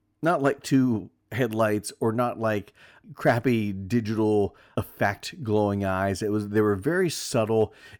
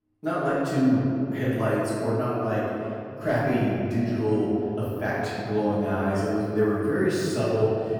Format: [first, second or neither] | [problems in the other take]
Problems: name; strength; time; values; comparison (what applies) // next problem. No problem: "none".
first | off-mic speech; far // room echo; strong; dies away in 2.8 s